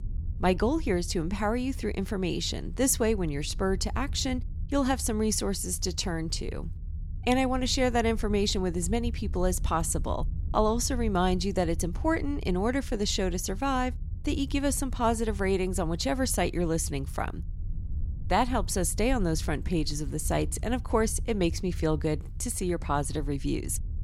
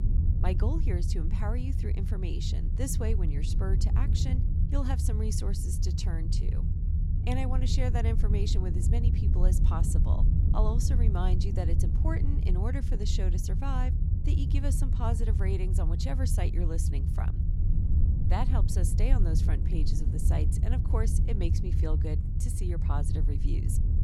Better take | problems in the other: first | low rumble; loud; throughout; 4 dB below the speech; faint in the first

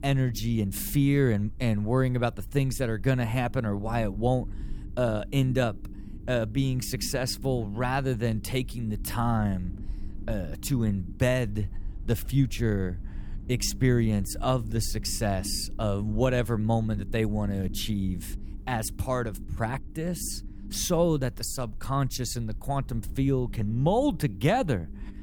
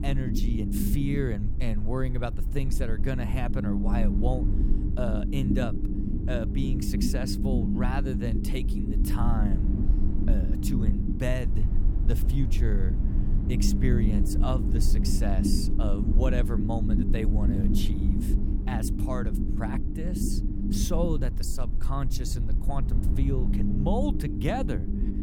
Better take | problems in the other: first | low rumble; loud; throughout; 2 dB below the speech; faint in the first

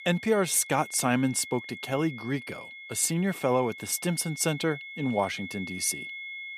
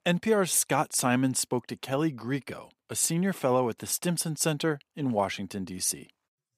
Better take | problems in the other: second | high-pitched whine; noticeable; throughout; 2 kHz, 10 dB below the speech

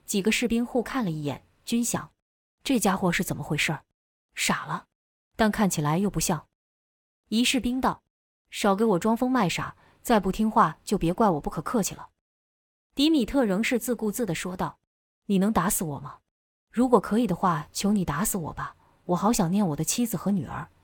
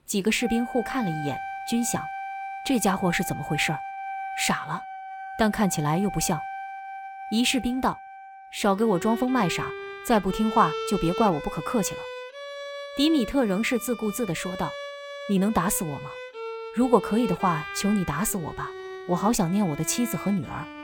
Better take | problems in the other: first | background music; noticeable; throughout; 10 dB below the speech

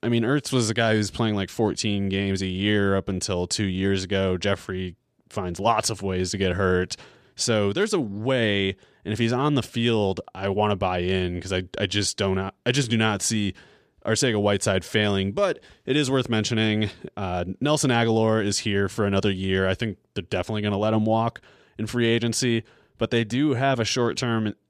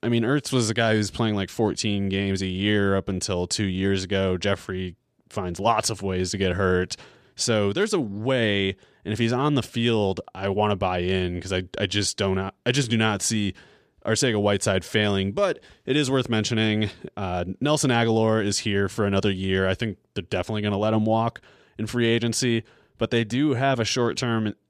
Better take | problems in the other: neither | none

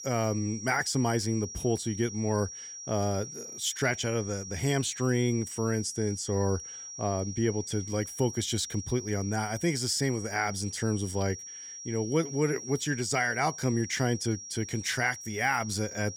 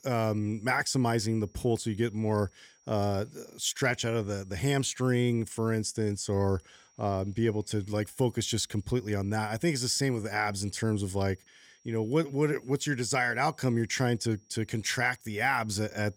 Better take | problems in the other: second | high-pitched whine; loud; throughout; 5.5 kHz, 10 dB below the speech; faint in the second

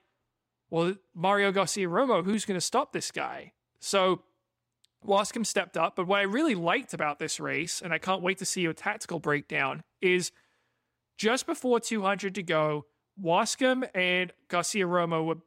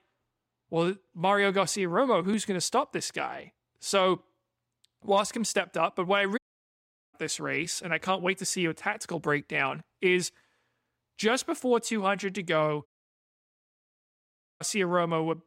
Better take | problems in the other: first | audio cutting out; at 6.5 s for 1 s and at 13 s for 1.5 s

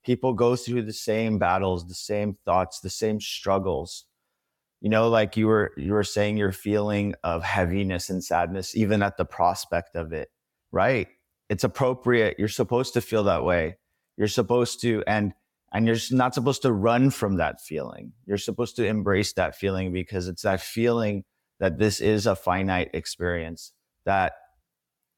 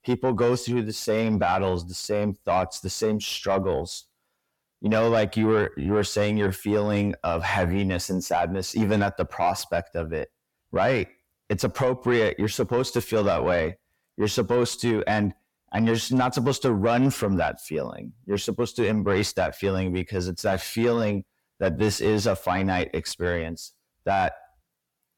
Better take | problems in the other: first | distortion; slight; 10 dB below the speech

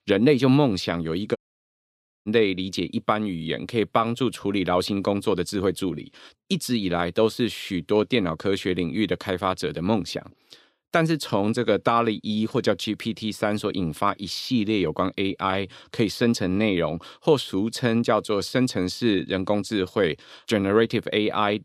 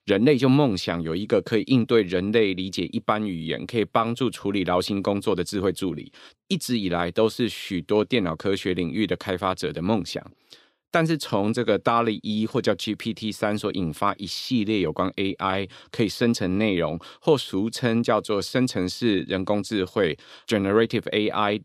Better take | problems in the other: second | audio cutting out; at 1.5 s for 1 s

